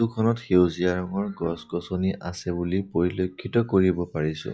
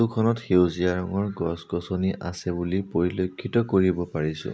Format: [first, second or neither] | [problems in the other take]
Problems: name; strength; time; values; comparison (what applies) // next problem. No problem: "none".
second | noise reduction (classical method log-MMSE)